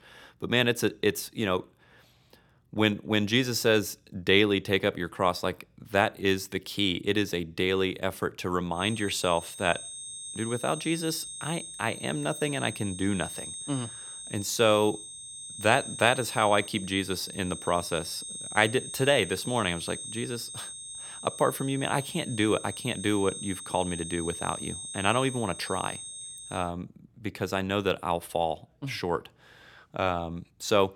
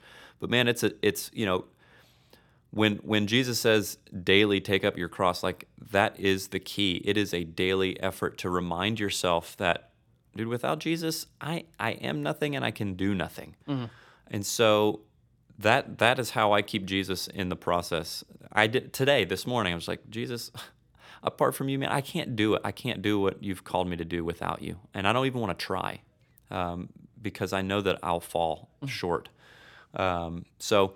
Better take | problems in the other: second | high-pitched whine; loud; from 9 to 27 s; 8.5 kHz, 9 dB below the speech

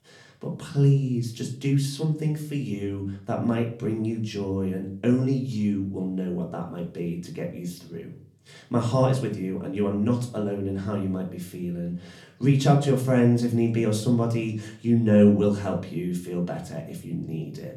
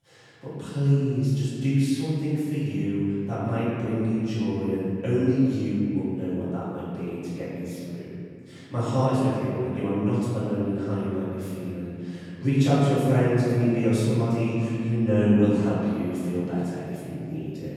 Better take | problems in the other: first | room echo; strong; dies away in 2.4 s; slight in the first // off-mic speech; far; far in the first

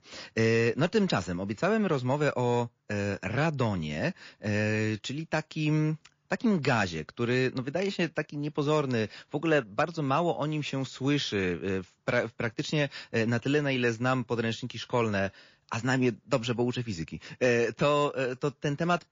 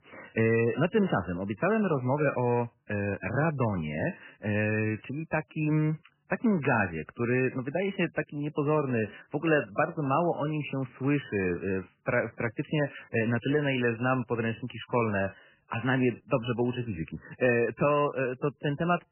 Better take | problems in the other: first | garbled, watery; badly; nothing above 3 kHz; slightly in the first

